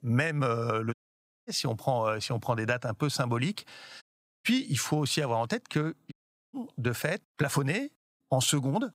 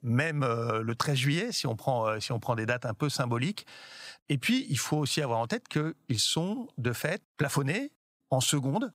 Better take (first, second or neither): second